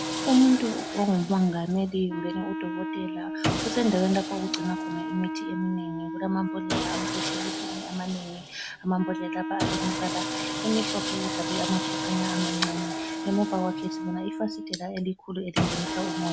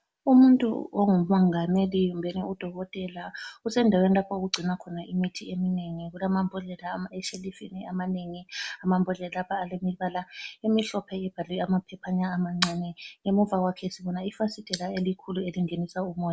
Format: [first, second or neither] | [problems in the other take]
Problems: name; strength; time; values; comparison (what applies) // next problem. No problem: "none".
second | background sound (Wind instrument, woodwind instrument + Sawing); 2 dB below the speech